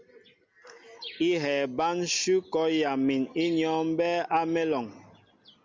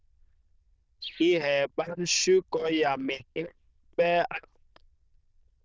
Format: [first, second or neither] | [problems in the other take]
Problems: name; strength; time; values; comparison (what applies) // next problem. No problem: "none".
first | noise reduction (neural diffusion model UNIVERSE++)